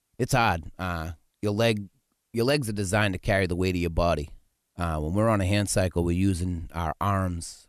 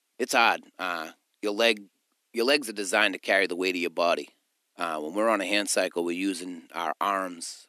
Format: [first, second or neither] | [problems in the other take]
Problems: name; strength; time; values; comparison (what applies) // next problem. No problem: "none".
first | thin; somewhat; fading below 250 Hz